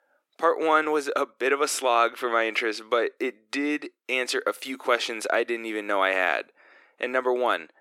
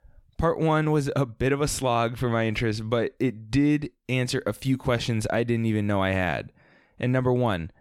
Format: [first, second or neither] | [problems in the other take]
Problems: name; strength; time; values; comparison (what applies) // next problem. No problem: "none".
second | thin; very; fading below 350 Hz